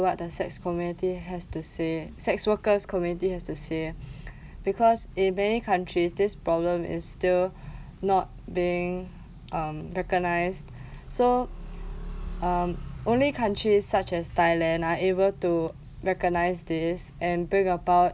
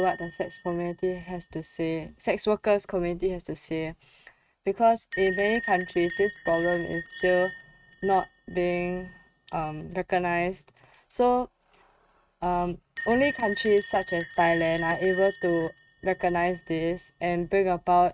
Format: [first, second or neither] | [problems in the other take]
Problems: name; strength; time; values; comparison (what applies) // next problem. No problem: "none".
first | noise reduction (neural mask model RNNoise)